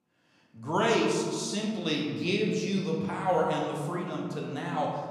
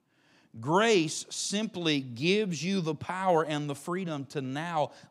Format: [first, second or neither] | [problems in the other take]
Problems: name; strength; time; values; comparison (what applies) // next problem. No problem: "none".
second | room echo; noticeable; dies away in 1.6 s // off-mic speech; somewhat distant